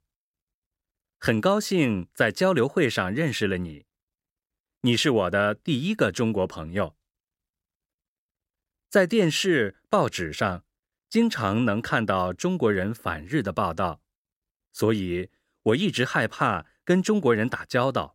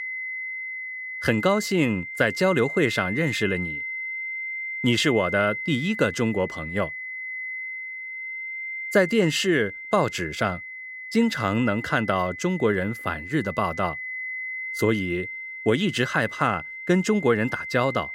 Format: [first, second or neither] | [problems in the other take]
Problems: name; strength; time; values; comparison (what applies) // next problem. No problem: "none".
first | high-pitched whine; loud; throughout; 2 kHz, 8 dB below the speech